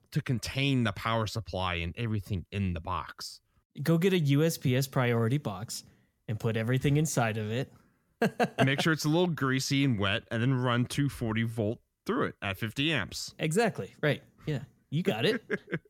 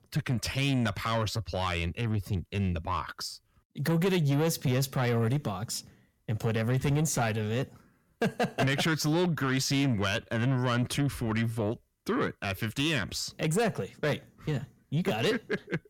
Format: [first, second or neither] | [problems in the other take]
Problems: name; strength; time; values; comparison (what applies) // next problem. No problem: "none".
first | distortion; slight; 10 dB below the speech